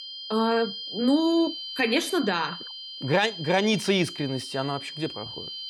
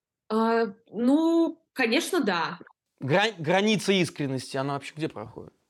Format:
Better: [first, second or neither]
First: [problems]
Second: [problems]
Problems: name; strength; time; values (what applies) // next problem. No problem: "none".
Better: second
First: high-pitched whine; loud; throughout; 3 kHz, 9 dB below the speech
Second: none